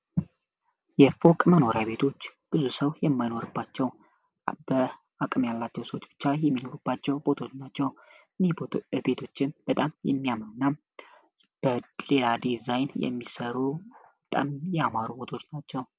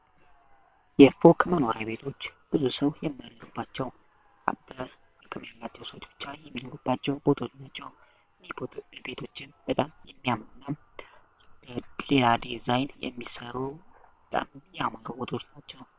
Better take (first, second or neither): first